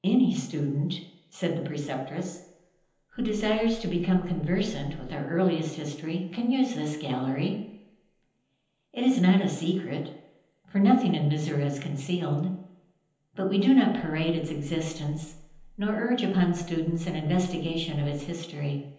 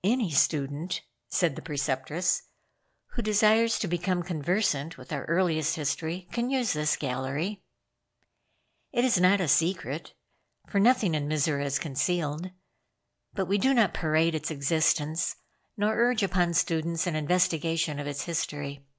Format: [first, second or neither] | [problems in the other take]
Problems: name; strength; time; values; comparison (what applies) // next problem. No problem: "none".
second | room echo; dies away in 0.9 s